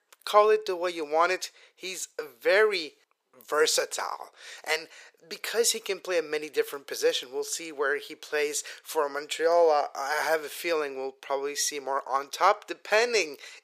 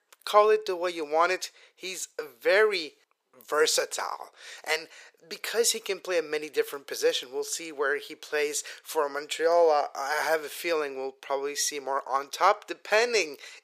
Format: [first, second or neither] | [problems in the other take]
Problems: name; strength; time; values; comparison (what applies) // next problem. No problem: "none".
neither | thin; very; fading below 450 Hz; the same in both